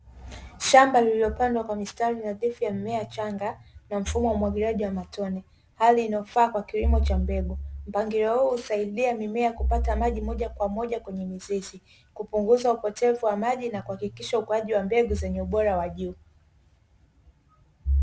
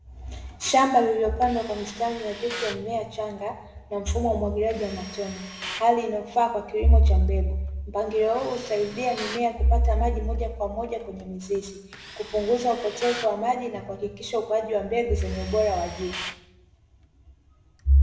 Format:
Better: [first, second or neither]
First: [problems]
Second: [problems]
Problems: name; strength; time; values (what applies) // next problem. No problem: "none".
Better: first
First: none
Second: background sound (Tools); 18 dB below the speech // room echo; dies away in 0.9 s